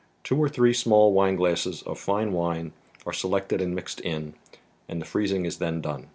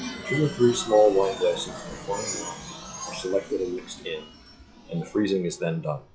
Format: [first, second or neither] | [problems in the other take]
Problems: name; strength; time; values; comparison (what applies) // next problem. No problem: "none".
first | noise reduction (classical method log-MMSE)